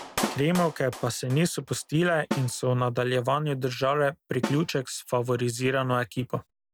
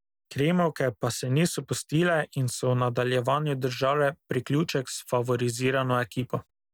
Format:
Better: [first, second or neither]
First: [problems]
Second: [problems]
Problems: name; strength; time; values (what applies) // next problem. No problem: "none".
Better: second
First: background sound (Clapping + Snare drum); 12 dB below the speech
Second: none